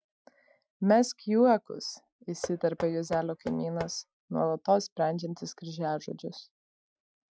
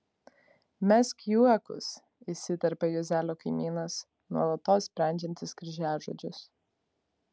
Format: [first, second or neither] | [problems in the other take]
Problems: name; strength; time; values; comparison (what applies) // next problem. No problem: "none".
second | noise reduction (classical method Wiener filter)